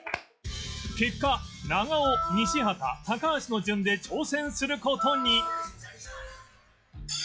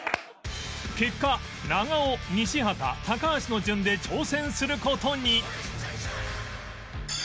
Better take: second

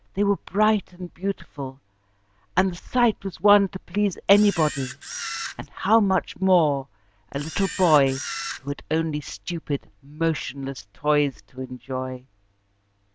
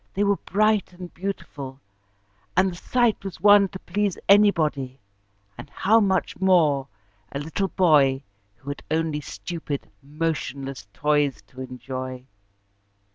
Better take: second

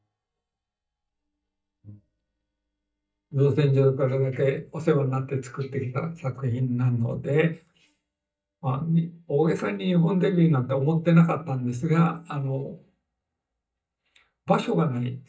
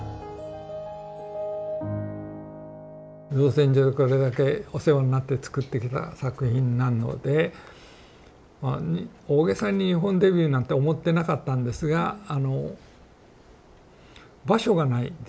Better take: second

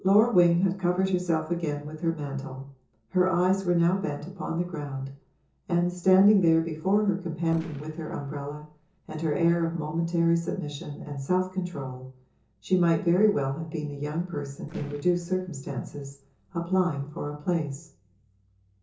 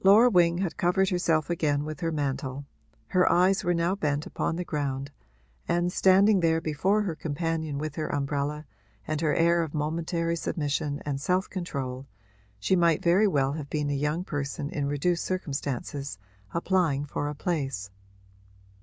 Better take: second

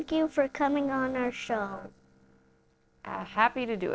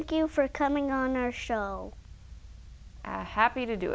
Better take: second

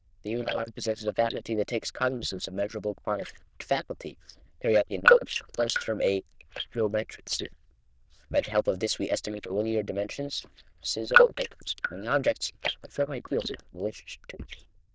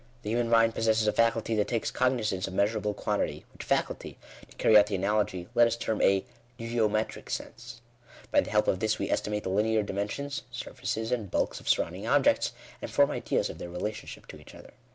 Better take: second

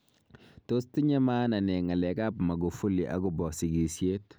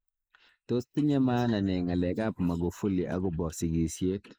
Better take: first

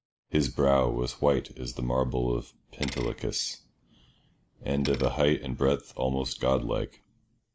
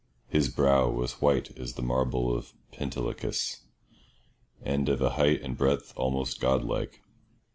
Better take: second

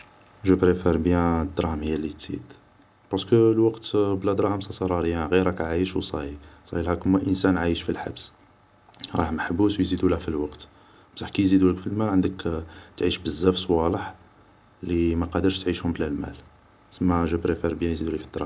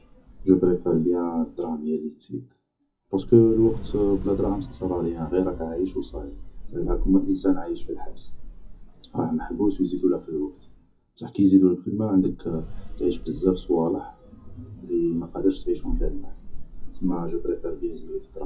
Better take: first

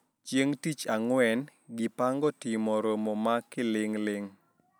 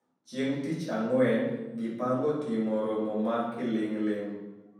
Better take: first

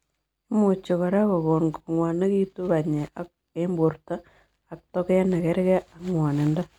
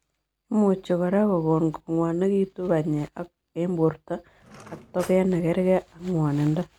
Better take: first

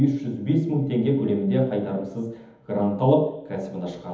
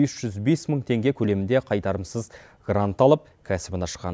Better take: second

